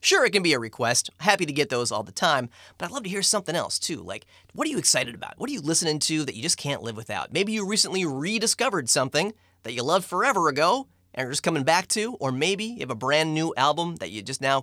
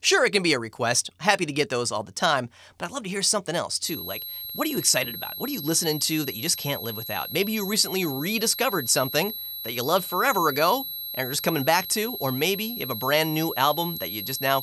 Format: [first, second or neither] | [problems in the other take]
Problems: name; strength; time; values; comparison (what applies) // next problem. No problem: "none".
first | high-pitched whine; loud; from 4 s on; 11.5 kHz, 7 dB below the speech